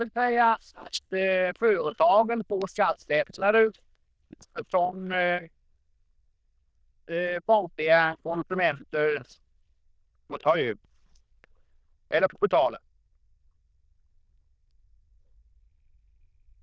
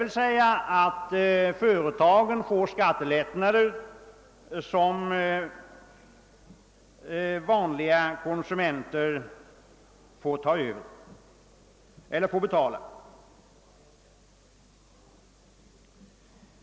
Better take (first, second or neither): second